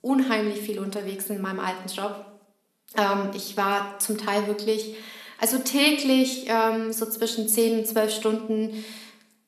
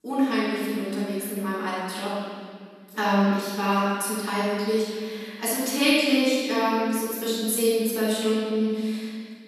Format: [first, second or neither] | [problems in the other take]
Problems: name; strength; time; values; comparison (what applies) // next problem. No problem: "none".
first | room echo; strong; dies away in 2.2 s; slight in the first // off-mic speech; far